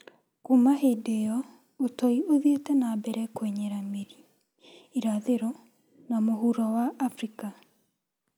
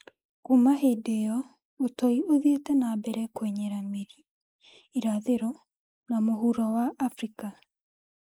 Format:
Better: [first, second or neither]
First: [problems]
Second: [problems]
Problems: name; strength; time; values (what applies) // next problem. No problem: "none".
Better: first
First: none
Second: noise reduction (neural mask model Resemble Enhance denoiser)